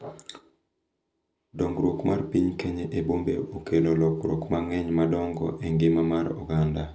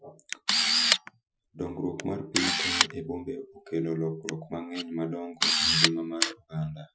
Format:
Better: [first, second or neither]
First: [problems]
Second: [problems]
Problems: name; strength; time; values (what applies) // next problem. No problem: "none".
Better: first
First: none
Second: noise reduction (classical method Wiener filter)